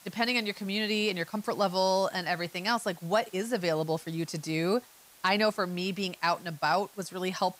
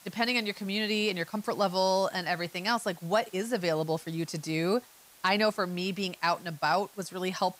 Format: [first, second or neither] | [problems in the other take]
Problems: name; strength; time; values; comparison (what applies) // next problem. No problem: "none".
neither | hiss; faint; throughout; 25 dB below the speech; the same in both